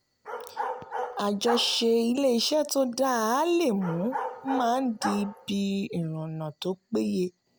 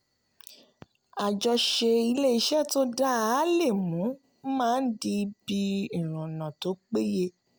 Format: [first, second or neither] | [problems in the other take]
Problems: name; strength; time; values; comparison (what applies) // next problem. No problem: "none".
second | background sound (Bark); 10 dB below the speech